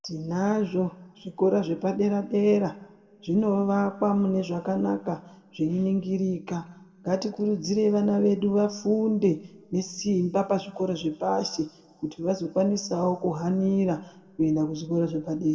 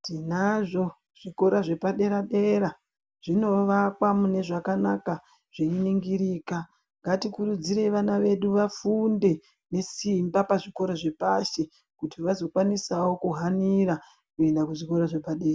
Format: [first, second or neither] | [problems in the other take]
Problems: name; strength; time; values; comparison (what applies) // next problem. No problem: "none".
second | room echo; dies away in 1.2 s